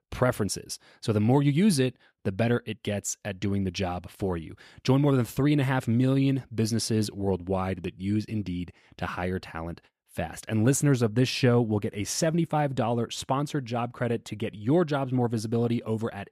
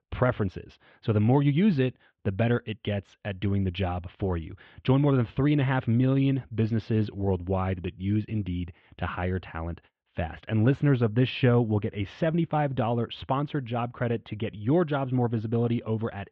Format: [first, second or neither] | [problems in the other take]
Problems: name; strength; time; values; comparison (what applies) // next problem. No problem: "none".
first | muffled; very; fading above 3.5 kHz